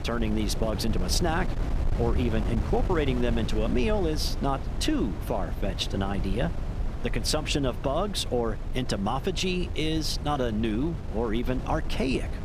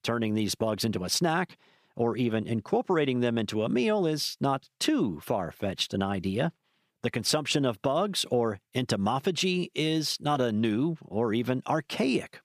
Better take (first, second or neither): second